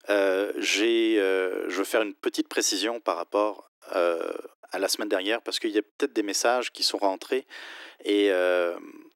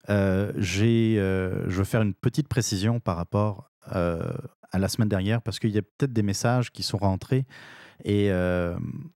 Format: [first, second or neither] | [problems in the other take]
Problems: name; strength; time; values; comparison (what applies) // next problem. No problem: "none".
second | thin; very; fading below 300 Hz